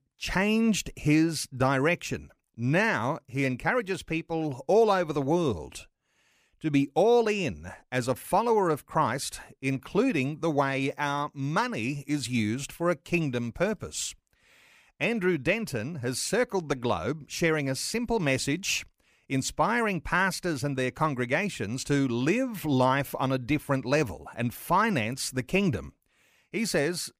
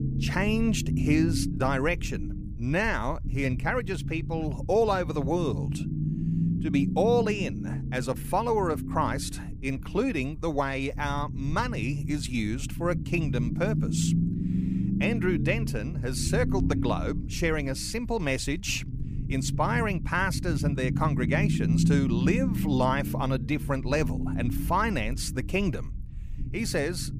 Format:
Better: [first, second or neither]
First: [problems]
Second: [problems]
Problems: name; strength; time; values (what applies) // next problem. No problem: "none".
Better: first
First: none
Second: low rumble; loud; throughout; 10 dB below the speech